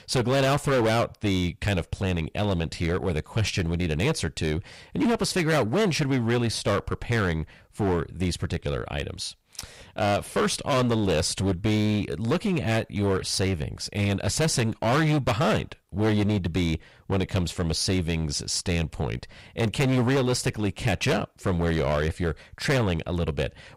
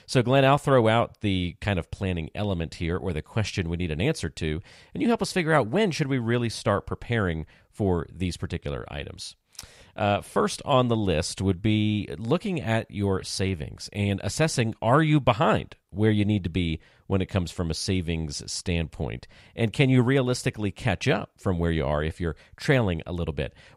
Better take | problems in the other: second | distortion; heavy; 14% of the sound clipped

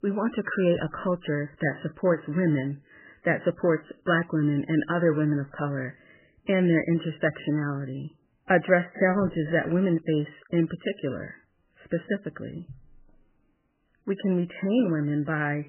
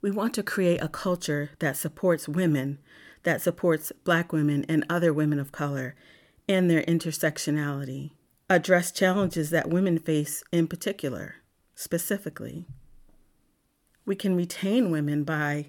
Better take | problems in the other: second | garbled, watery; badly; nothing above 3 kHz

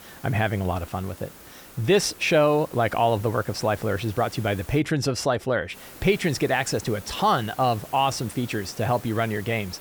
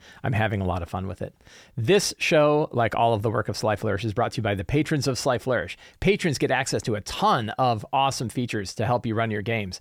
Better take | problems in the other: second | hiss; noticeable; until 5 s and from 5.5 s on; 20 dB below the speech

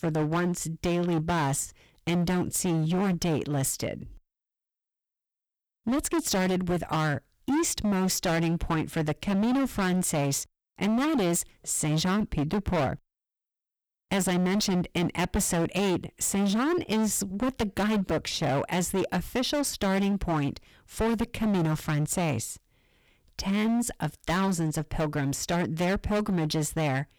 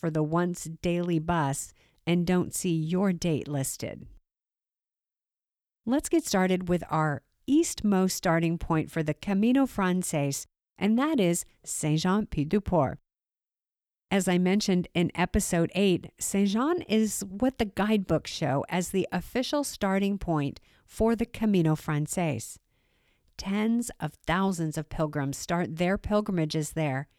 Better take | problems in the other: second | distortion; heavy; 22% of the sound clipped

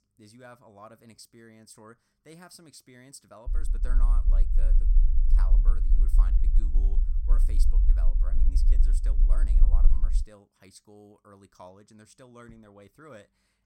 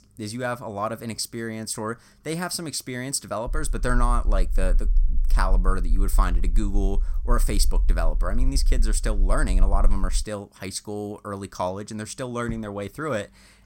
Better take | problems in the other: second | low rumble; loud; from 3.5 to 10 s; 3 dB below the speech; faint in the second

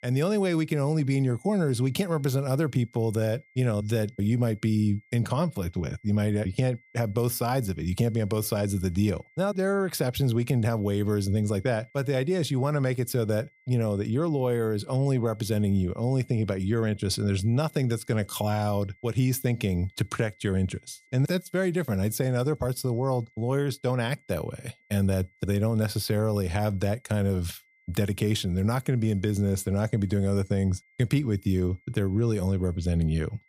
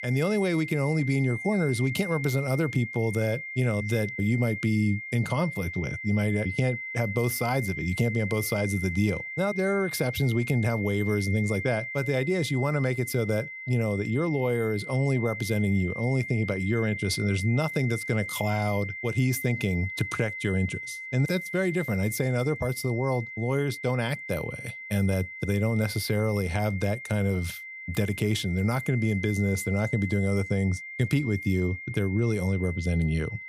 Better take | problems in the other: first | high-pitched whine; loud; throughout; 2 kHz, 8 dB below the speech; faint in the first

